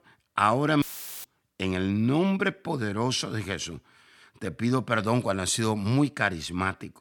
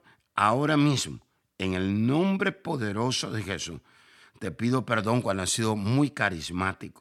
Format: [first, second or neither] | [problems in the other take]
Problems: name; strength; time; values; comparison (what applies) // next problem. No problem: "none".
second | audio cutting out; filled with static; at 1 s